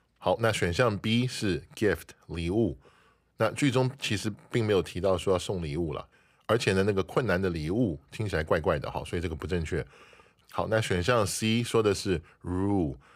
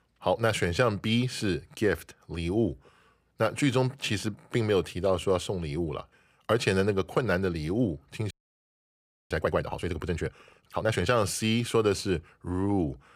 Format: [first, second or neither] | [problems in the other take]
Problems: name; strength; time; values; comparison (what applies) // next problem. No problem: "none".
first | audio freezing; at 8.5 s for 1 s